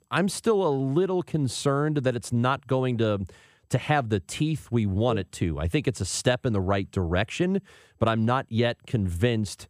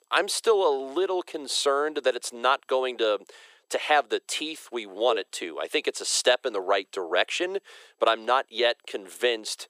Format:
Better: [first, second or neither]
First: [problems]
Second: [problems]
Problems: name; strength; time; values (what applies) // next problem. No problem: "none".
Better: first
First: none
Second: thin; very; fading below 400 Hz